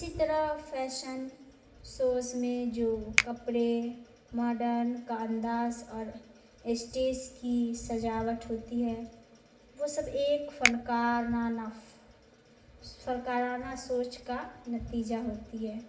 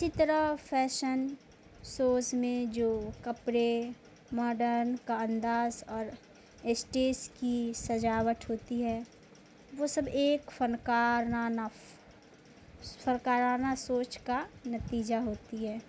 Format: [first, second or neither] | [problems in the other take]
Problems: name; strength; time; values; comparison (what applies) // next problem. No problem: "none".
second | background sound (Finger snapping); 4 dB below the speech // room echo; dies away in 0.7 s